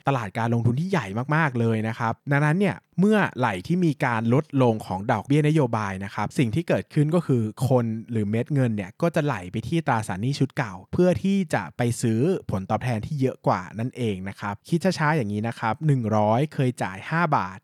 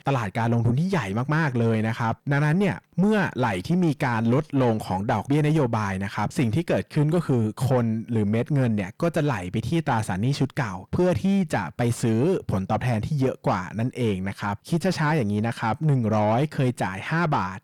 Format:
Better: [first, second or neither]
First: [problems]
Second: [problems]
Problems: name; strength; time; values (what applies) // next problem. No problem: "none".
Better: first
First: none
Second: distortion; slight; 10 dB below the speech